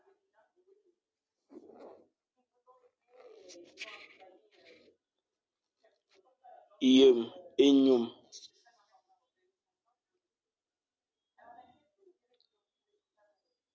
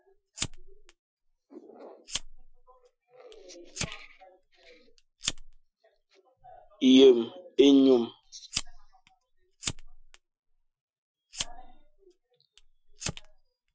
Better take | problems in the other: first | noise reduction (classical method Wiener filter)

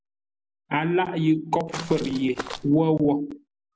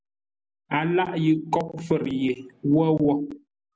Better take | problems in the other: second | background sound (Walk, footsteps); 11 dB below the speech

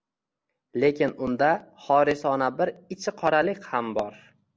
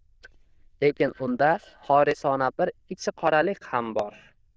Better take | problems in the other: first | noise reduction (neural diffusion model UNIVERSE++)

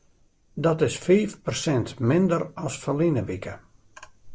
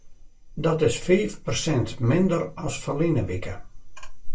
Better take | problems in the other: first | room echo; dies away in 0.1 s

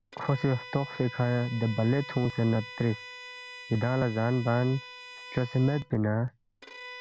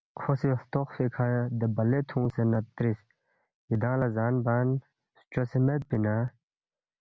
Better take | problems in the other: second | background sound (Bowed string instrument); 16 dB below the speech

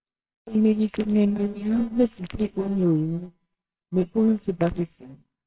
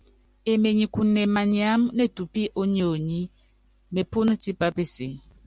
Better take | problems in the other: second | noise reduction (neural separator model SepFormer WHAMR!)

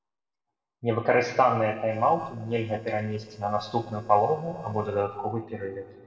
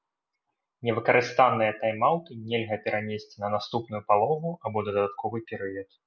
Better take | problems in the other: second | noise reduction (neural separator model SepFormer DNS4)

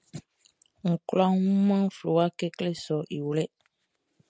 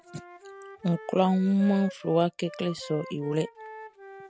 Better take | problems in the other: first | background sound (Wind instrument, woodwind instrument); 16 dB below the speech

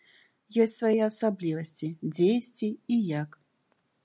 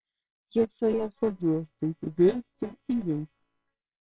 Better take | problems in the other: first | noise reduction (neural separator model SepFormer WHAMR!)

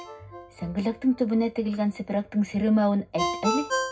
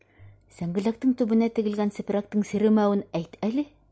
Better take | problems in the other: second | background sound (Ringtone); 8 dB below the speech // room echo; dies away in 0.3 s

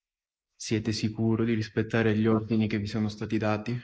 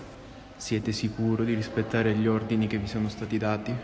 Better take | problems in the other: second | noise reduction (neural mask model Resemble Enhance denoiser)

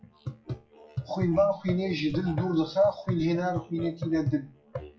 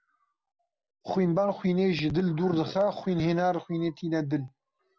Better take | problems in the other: second | noise reduction (classical method WPE with log-MMSE)

